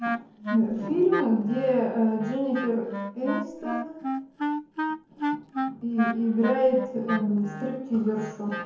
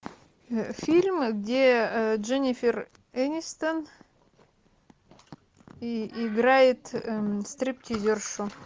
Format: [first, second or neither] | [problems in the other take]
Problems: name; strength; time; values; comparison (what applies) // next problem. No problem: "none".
second | background sound (Wind instrument, woodwind instrument); 7 dB below the speech // room echo; dies away in 0.9 s